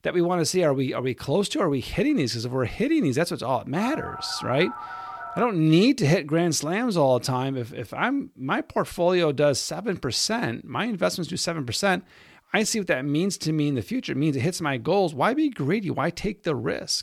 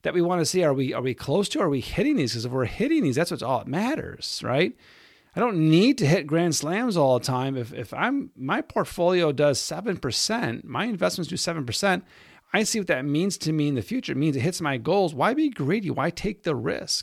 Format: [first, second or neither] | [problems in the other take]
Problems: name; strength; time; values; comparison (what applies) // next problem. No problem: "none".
second | phone ringing; faint; from 4 to 5.5 s; peak 10 dB below the speech